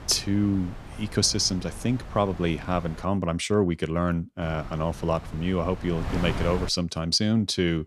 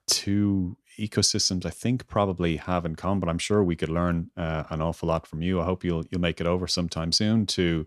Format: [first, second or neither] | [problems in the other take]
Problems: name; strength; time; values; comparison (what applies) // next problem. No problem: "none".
second | wind noise on the microphone; occasional gusts; until 3 s and from 4.5 to 6.5 s; 15 dB below the speech